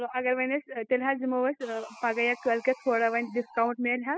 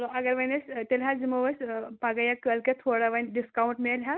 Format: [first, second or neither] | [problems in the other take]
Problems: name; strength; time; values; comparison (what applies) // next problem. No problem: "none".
second | noise reduction (classical method spectral subtraction)